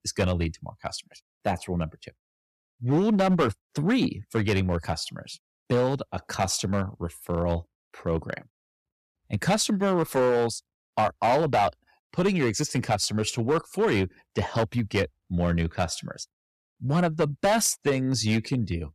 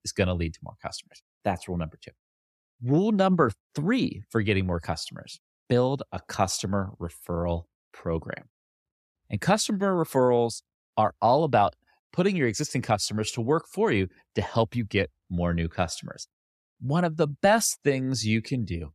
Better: second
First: distortion; slight; 5% of the sound clipped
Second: none

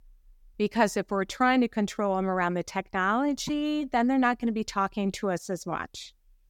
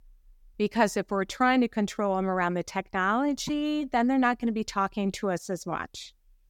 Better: neither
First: none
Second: none

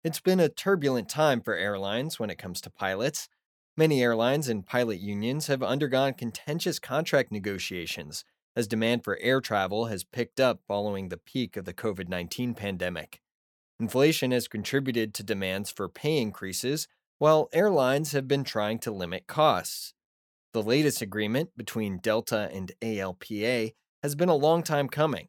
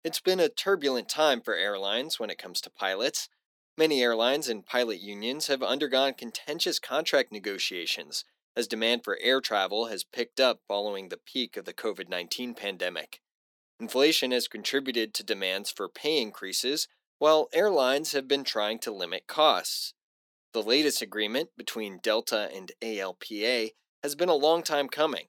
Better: first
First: none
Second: thin; very slightly; fading below 250 Hz

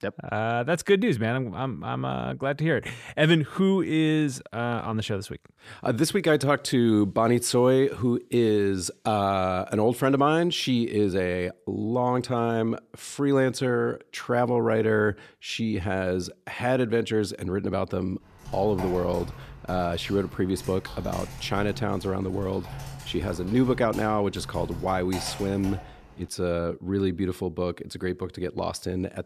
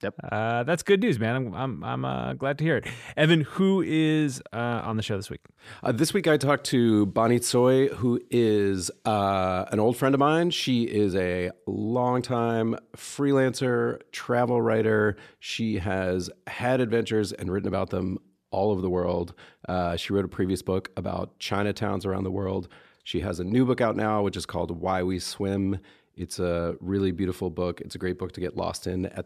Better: second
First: keyboard typing; noticeable; from 18 to 26 s; peak 10 dB below the speech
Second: none

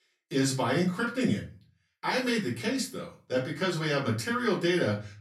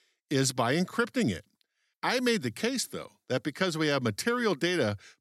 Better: second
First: room echo; slight; dies away in 0.3 s // off-mic speech; far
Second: none

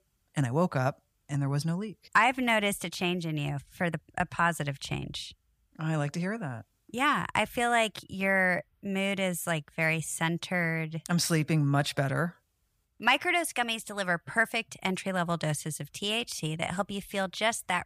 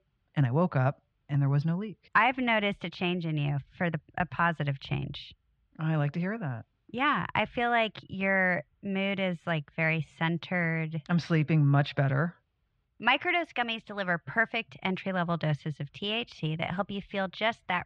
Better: first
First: none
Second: muffled; slightly; fading above 3.5 kHz

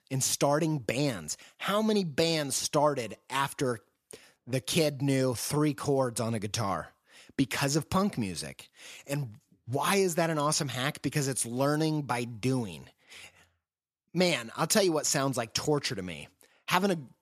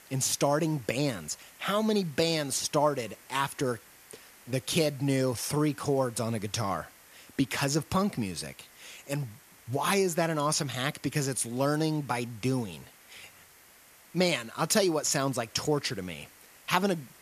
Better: first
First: none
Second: hiss; faint; throughout; 25 dB below the speech

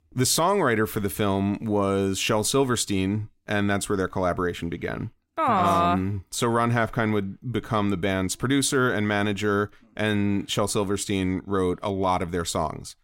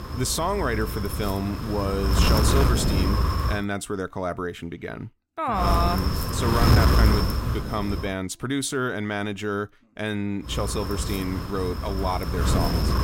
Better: first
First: none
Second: wind noise on the microphone; heavy; until 3.5 s, from 5.5 to 8 s and from 10 s on; 1 dB below the speech

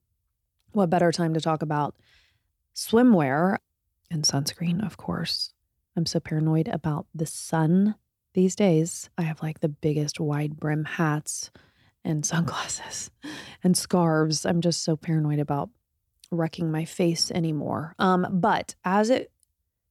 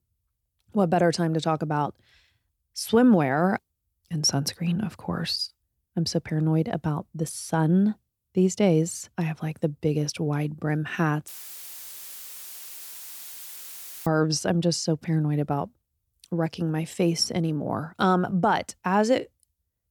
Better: first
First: none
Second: audio cutting out; filled with static; at 11 s for 3 s

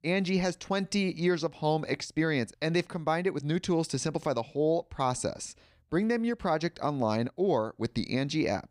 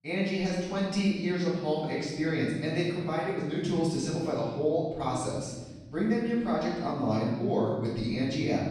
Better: first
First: none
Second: room echo; strong; dies away in 1.6 s // off-mic speech; far

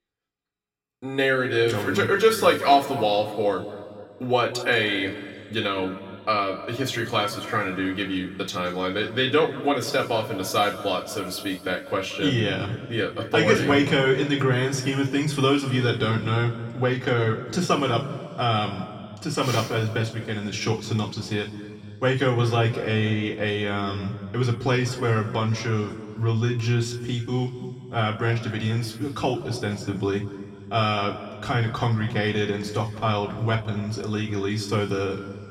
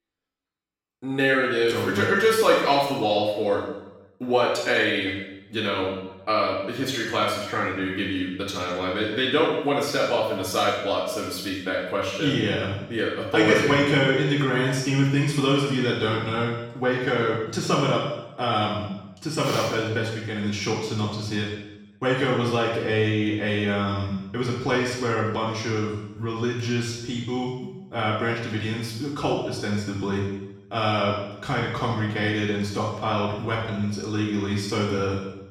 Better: first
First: room echo; slight; dies away in 1.9 s // off-mic speech; somewhat distant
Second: room echo; strong; dies away in 0.8 s // off-mic speech; far

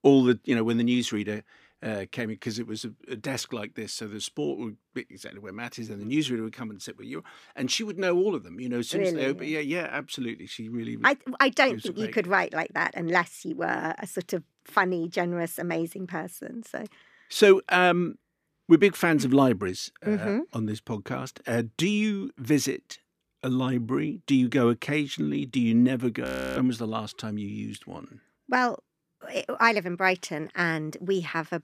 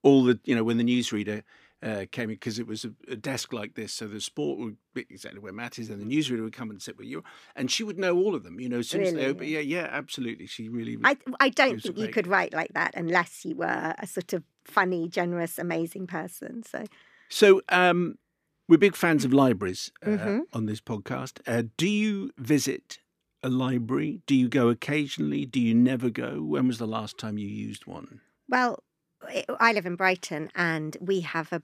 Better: second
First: audio freezing; at 26 s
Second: none

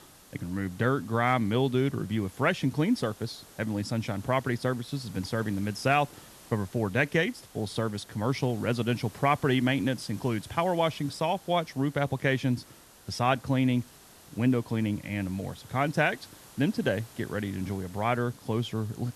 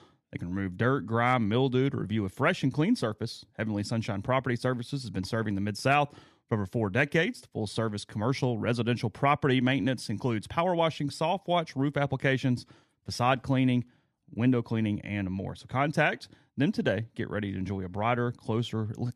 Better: second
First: hiss; faint; throughout; 20 dB below the speech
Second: none

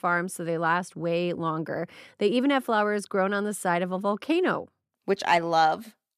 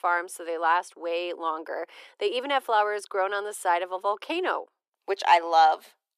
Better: first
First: none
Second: thin; very; fading below 350 Hz

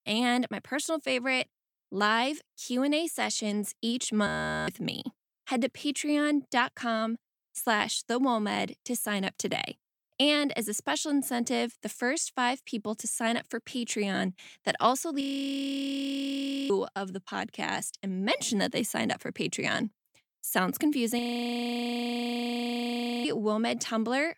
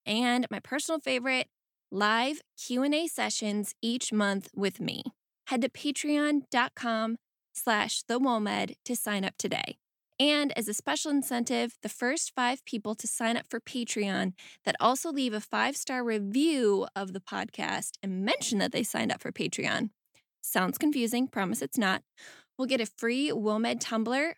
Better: second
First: audio freezing; at 4.5 s, at 15 s for 1.5 s and at 21 s for 2 s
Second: none

